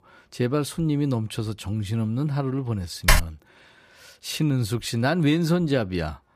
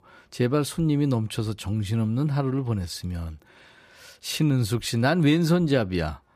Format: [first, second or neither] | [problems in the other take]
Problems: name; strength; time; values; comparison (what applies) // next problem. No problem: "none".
second | keyboard typing; loud; at 3 s; peak 4 dB above the speech